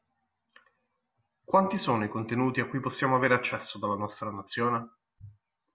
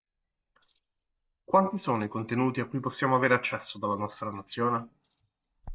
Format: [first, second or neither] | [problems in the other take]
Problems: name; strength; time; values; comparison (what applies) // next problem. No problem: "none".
first | noise reduction (neural mask model DeepFilterNet 3)